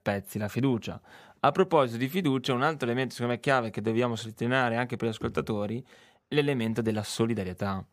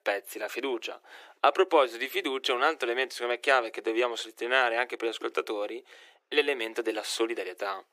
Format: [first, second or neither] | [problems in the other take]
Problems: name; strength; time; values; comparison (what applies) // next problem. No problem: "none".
first | thin; very; fading below 300 Hz